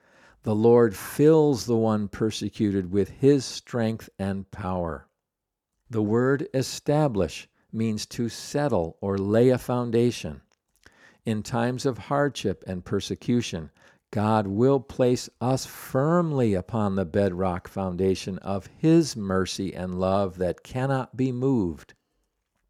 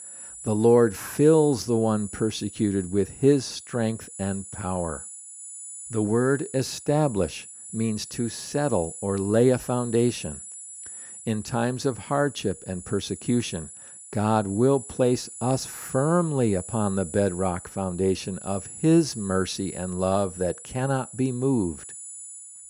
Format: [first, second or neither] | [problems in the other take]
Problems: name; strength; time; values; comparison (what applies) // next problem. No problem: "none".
first | high-pitched whine; noticeable; throughout; 10 kHz, 15 dB below the speech